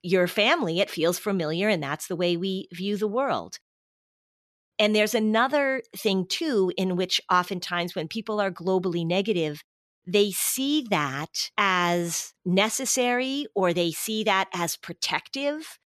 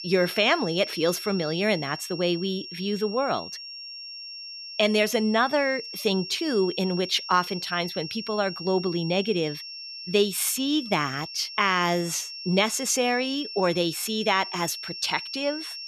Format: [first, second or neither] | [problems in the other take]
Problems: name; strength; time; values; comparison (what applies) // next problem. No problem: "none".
first | high-pitched whine; loud; throughout; 5.5 kHz, 10 dB below the speech